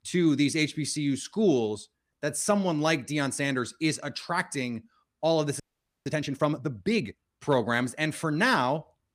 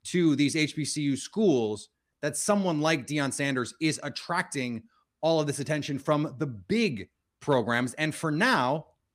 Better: second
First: audio freezing; at 5.5 s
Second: none

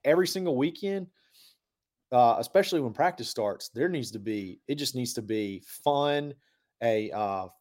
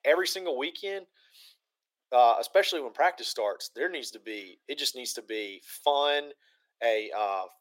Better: first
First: none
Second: thin; very; fading below 400 Hz

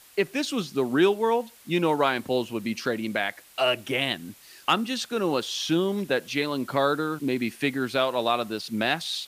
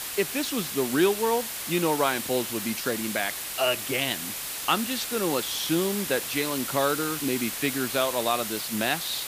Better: first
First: hiss; faint; throughout; 25 dB below the speech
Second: hiss; loud; throughout; 3 dB below the speech

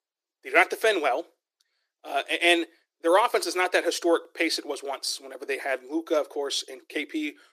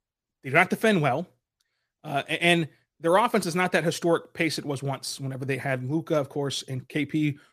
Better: second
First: thin; very; fading below 350 Hz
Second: none

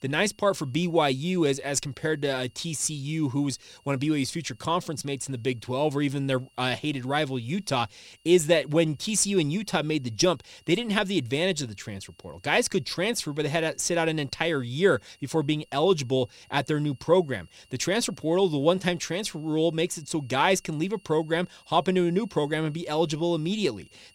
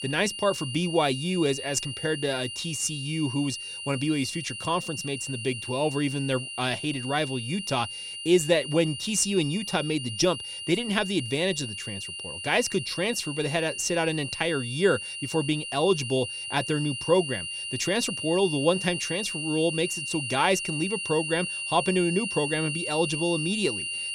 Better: first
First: high-pitched whine; faint; throughout; 3 kHz, 35 dB below the speech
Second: high-pitched whine; loud; throughout; 3 kHz, 5 dB below the speech

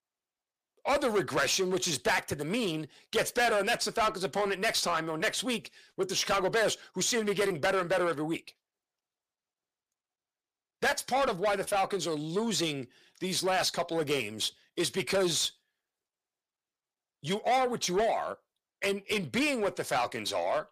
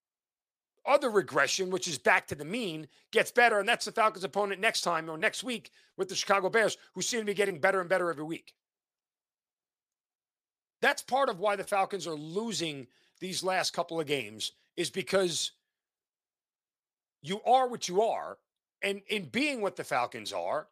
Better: second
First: distortion; heavy; 6 dB below the speech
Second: none

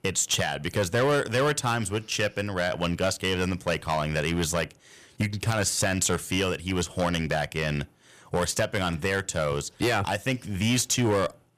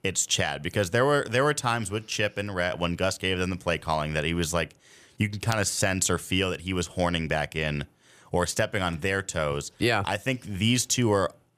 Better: second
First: distortion; slight; 7% of the sound clipped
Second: none

